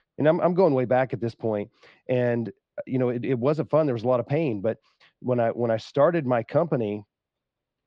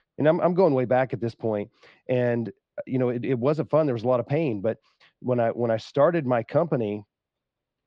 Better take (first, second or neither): neither